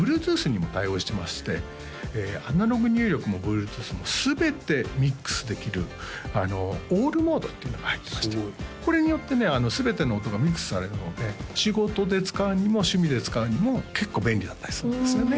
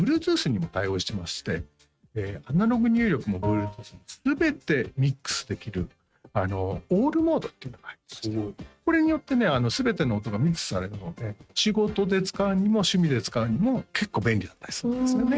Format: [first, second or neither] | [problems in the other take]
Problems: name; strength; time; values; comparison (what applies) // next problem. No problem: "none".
first | noise reduction (neural mask model RNNoise)